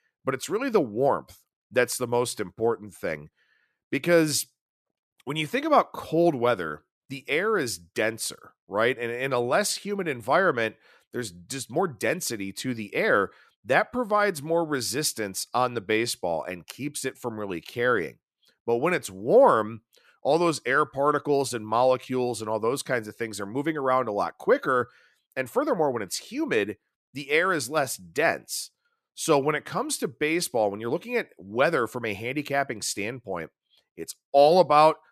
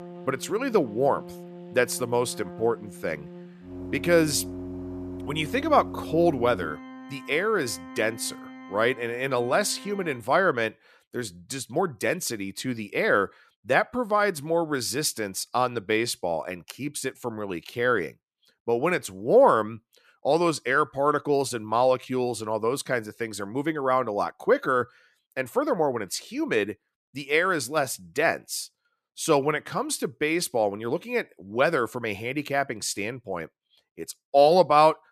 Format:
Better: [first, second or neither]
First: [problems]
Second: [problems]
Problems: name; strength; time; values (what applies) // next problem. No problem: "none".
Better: first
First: none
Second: background music; noticeable; until 10 s; 15 dB below the speech